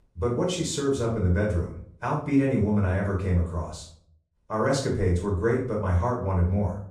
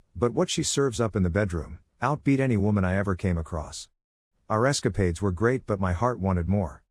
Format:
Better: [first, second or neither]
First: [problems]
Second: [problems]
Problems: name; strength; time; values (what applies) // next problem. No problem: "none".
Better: second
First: off-mic speech; far // room echo; noticeable; dies away in 0.4 s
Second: none